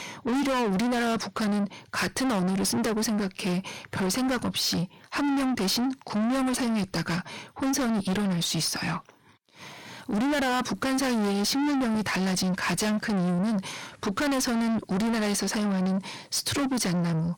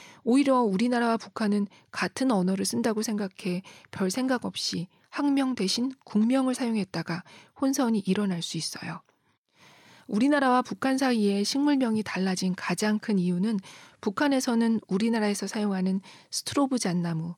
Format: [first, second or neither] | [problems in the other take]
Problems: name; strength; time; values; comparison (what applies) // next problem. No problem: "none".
second | distortion; heavy; 5 dB below the speech